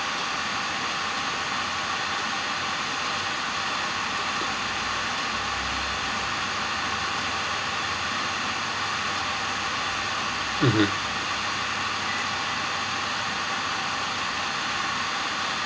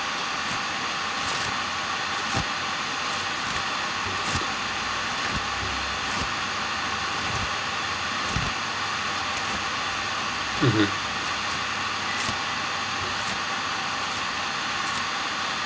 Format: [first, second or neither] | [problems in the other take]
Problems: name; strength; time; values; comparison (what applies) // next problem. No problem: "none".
first | background sound (Bowed string instrument + Tearing); 12 dB below the speech